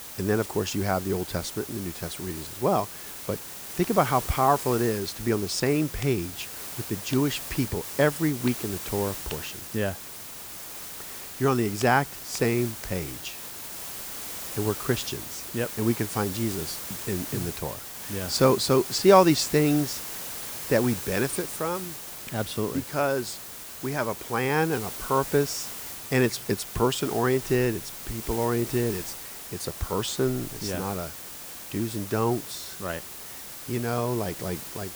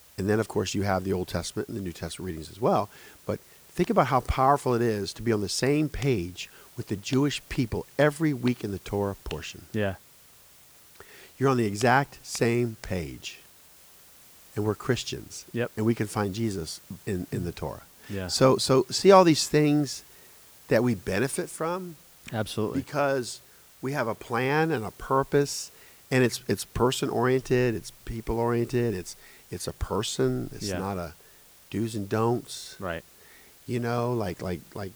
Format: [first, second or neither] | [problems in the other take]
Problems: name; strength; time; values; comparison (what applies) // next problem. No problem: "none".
second | hiss; loud; throughout; 8 dB below the speech; faint in the second